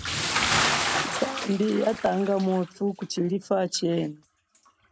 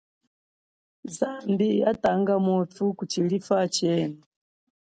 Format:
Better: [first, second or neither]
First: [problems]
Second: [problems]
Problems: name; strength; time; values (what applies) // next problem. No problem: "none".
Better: second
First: background sound (Bathtub (filling or washing) / Splash, splatter); 3 dB below the speech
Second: none